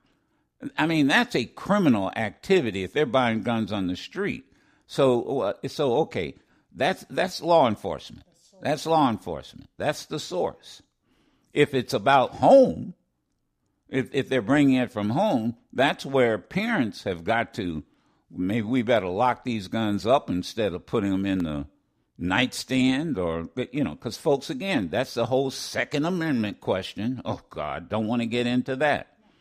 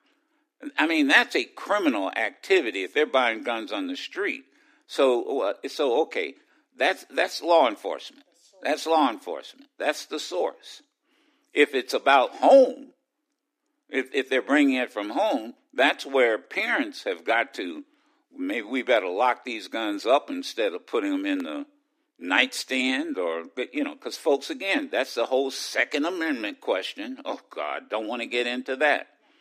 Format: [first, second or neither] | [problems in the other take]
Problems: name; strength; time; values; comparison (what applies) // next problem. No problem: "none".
first | thin; very slightly; fading below 300 Hz